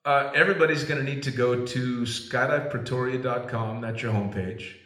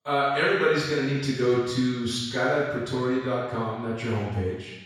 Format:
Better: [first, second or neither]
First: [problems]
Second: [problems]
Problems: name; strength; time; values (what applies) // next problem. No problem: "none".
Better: first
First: room echo; slight; dies away in 0.8 s // off-mic speech; somewhat distant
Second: room echo; strong; dies away in 1.1 s // off-mic speech; far